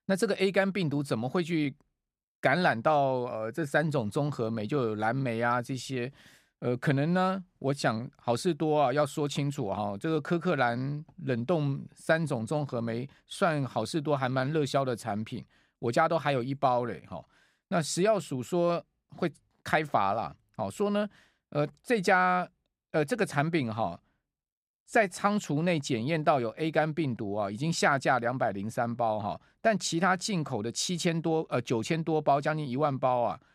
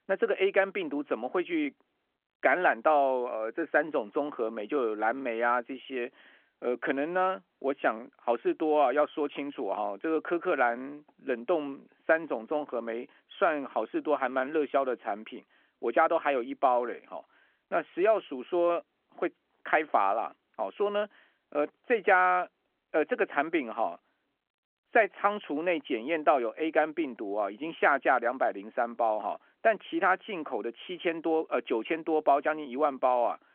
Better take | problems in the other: first | phone-call audio

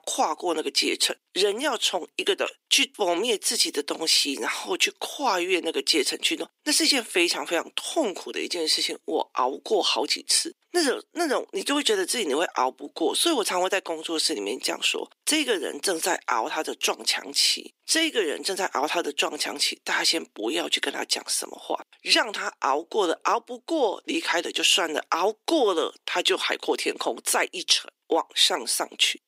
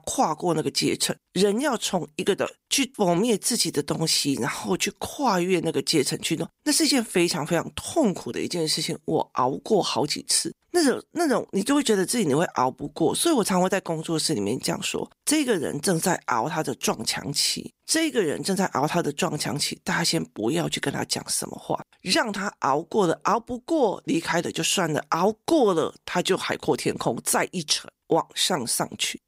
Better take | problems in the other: second | thin; somewhat; fading below 300 Hz

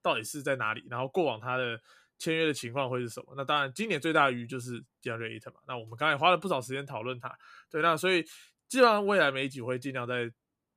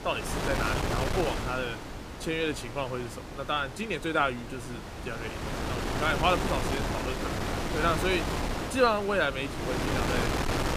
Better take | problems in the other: first | wind noise on the microphone; heavy; 4 dB below the speech

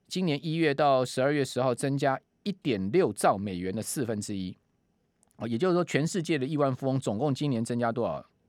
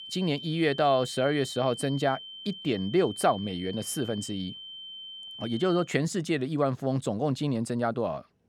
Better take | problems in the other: first | high-pitched whine; noticeable; until 6 s; 3 kHz, 10 dB below the speech

